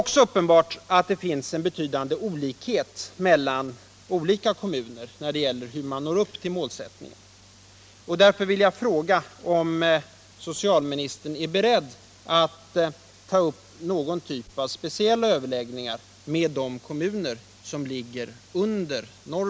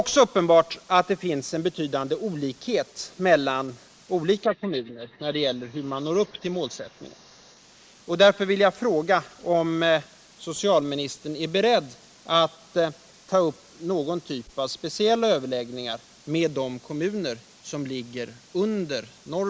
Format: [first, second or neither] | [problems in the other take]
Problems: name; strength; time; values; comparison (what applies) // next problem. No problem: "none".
first | noise reduction (neural mask model Resemble Enhance denoiser)